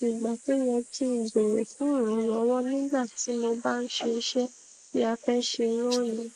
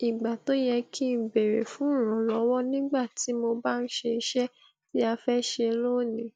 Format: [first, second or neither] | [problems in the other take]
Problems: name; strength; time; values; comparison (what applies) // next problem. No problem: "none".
second | noise reduction (neural mask model Resemble Enhance denoiser)